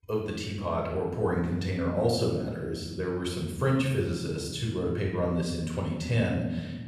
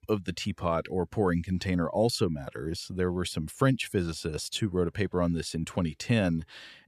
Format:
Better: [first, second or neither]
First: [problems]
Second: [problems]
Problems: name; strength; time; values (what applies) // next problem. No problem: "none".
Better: second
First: off-mic speech; far // room echo; noticeable; dies away in 1.1 s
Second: none